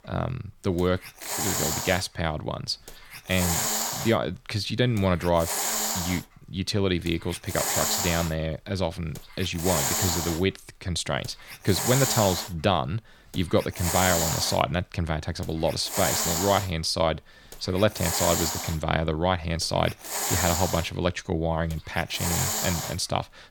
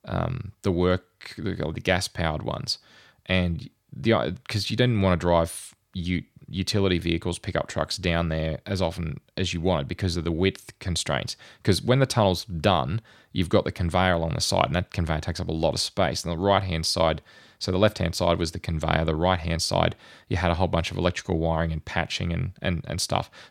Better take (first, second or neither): second